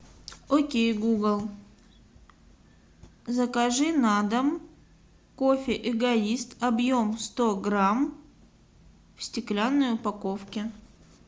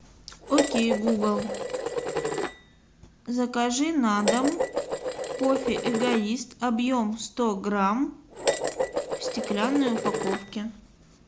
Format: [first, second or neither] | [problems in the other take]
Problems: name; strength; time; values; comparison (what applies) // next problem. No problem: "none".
first | background sound (Dishes, pots, and pans); 2 dB below the speech